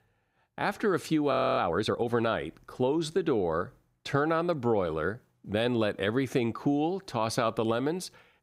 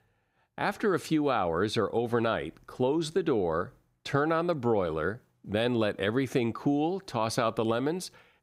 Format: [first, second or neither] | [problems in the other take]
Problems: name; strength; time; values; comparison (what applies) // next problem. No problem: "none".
second | audio freezing; at 1.5 s